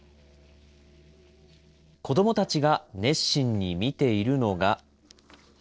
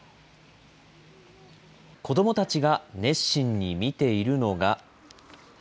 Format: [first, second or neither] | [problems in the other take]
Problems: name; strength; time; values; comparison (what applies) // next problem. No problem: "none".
second | noise reduction (neural separator model SepFormer DNS4)